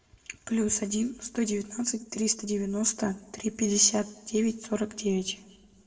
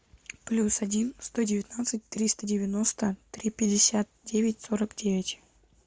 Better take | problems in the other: second | room echo; dies away in 0.7 s

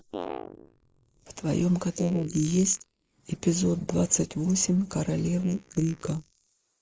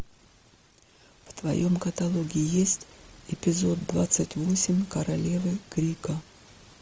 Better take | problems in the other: second | noise reduction (neural mask model Resemble Enhance denoiser)

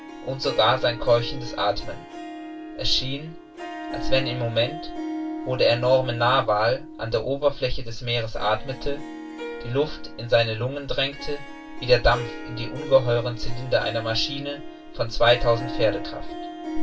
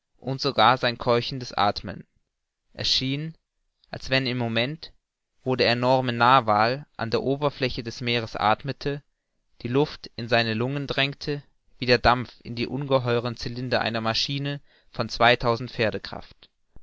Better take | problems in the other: second | background sound (Harp); 12 dB below the speech // room echo; dies away in 0.2 s

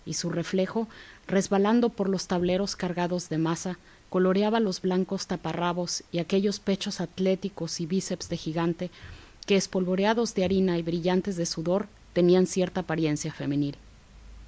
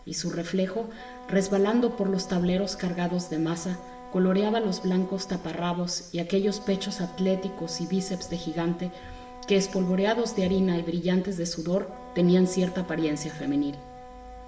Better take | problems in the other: first | background sound (Wind instrument, woodwind instrument); 18 dB below the speech // room echo; dies away in 0.8 s

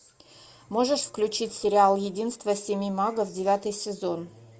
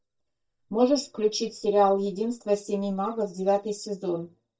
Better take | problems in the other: first | noise reduction (neural mask model DeepFilterNet 3)

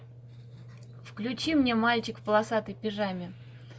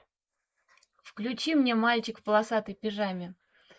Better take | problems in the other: first | noise reduction (neural mask model Resemble Enhance denoiser)

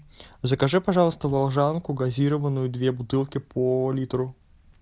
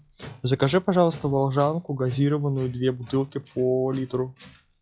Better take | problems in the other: first | noise reduction (classical method log-MMSE)

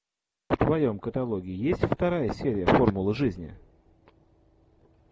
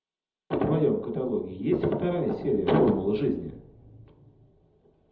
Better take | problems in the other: first | room echo; dies away in 0.8 s

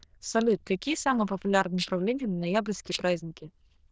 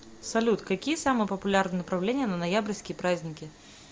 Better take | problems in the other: second | noise reduction (neural diffusion model UNIVERSE++)

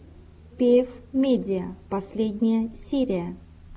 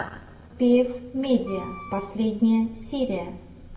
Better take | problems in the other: first | background sound (Wind instrument, woodwind instrument); 18 dB below the speech // room echo; dies away in 0.9 s

